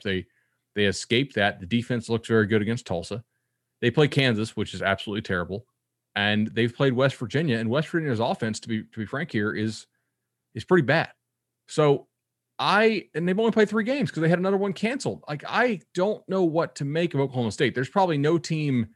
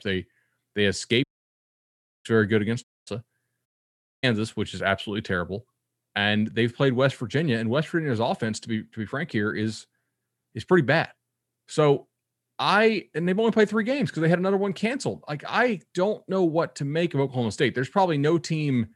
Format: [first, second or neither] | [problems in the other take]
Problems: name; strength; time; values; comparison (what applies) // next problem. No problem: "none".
first | audio cutting out; at 1 s for 1 s, at 3 s and at 3.5 s for 0.5 s